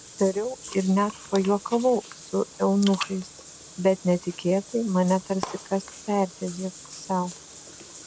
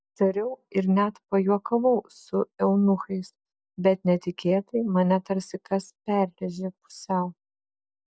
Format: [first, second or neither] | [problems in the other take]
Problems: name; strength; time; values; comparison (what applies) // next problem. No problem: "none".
second | background sound (Bathtub (filling or washing) / Water); 15 dB below the speech